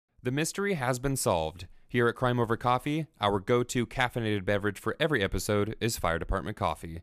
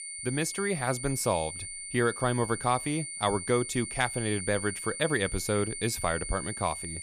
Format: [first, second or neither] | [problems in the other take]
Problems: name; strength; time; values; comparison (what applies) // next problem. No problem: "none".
first | high-pitched whine; loud; throughout; 9 kHz, 6 dB below the speech